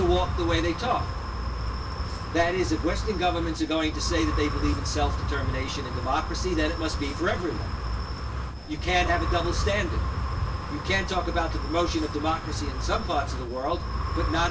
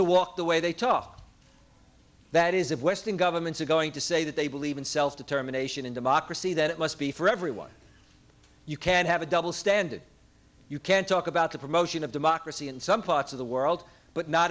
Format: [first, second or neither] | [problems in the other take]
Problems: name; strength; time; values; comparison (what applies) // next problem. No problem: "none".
second | background sound (Wind); 1 dB below the speech // room echo; dies away in 0.1 s